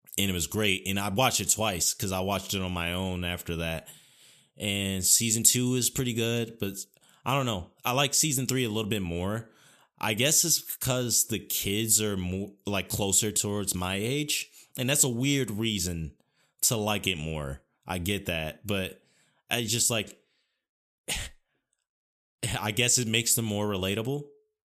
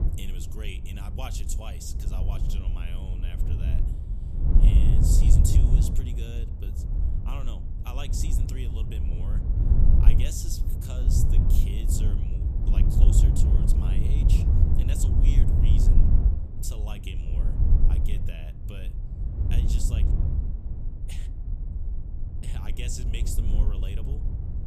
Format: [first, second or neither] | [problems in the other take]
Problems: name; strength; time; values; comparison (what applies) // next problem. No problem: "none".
first | wind noise on the microphone; heavy; as loud as the speech